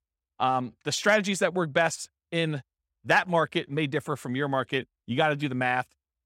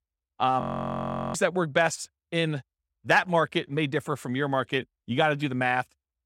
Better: first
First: none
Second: audio freezing; at 0.5 s for 0.5 s

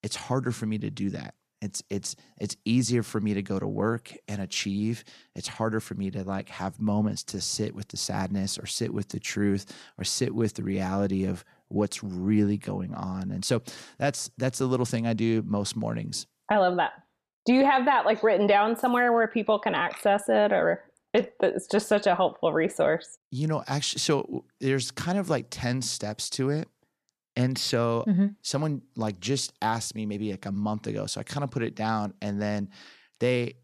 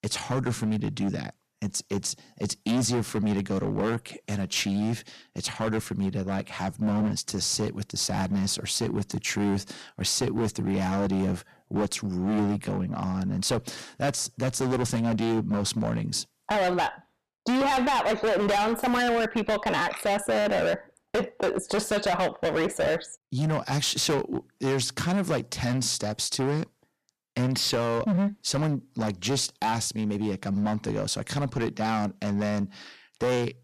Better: first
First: none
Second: distortion; heavy; 15% of the sound clipped

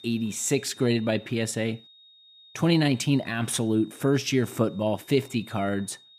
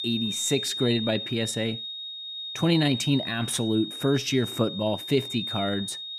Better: first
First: high-pitched whine; faint; throughout; 3.5 kHz, 25 dB below the speech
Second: high-pitched whine; loud; throughout; 3.5 kHz, 5 dB below the speech

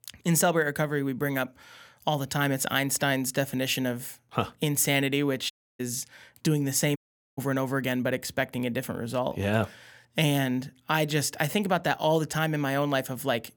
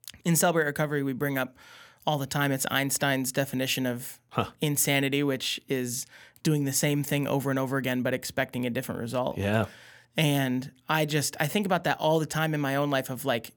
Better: second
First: audio cutting out; at 5.5 s and at 7 s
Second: none

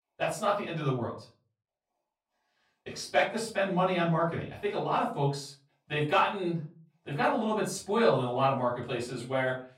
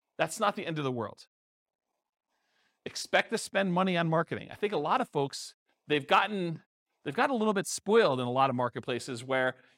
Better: second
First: off-mic speech; far // room echo; slight; dies away in 0.3 s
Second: none

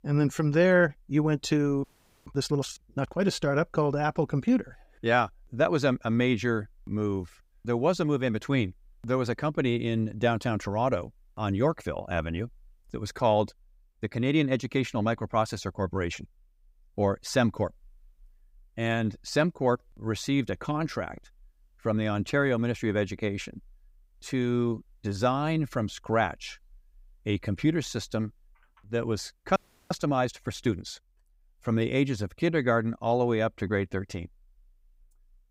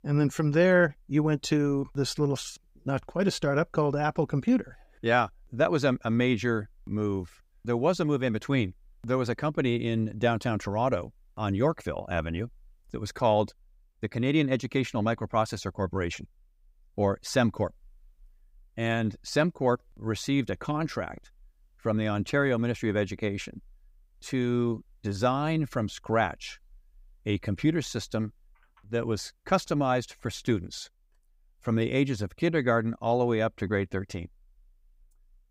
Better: second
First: audio freezing; at 2 s and at 30 s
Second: none

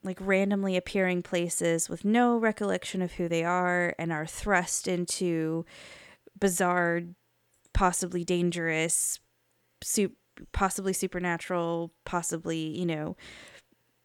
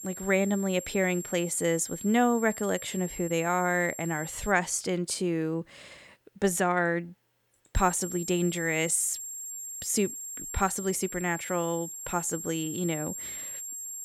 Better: first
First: none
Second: high-pitched whine; loud; until 4.5 s and from 8 s on; 7.5 kHz, 9 dB below the speech

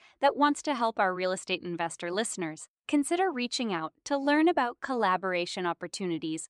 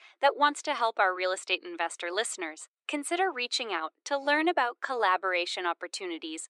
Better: first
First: none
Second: thin; somewhat; fading below 350 Hz

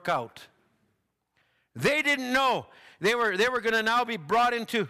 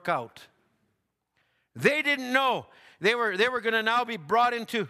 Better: second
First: distortion; slight; 4% of the sound clipped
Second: none

